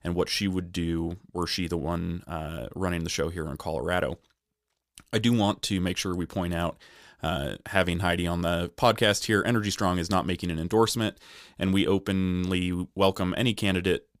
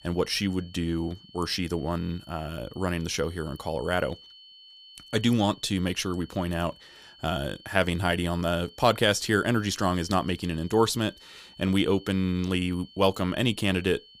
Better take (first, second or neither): first